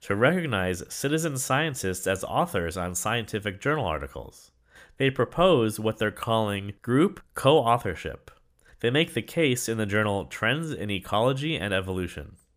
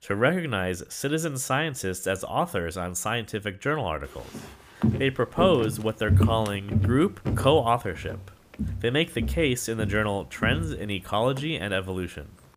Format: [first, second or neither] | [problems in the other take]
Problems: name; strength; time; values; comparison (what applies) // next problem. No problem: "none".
first | footsteps; loud; from 5 to 11 s; peak 4 dB above the speech